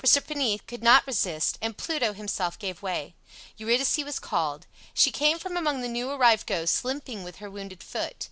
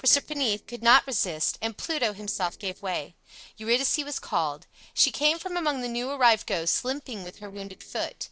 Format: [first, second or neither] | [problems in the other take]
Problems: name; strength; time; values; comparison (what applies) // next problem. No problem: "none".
first | noise reduction (neural separator model SepFormer DNS4)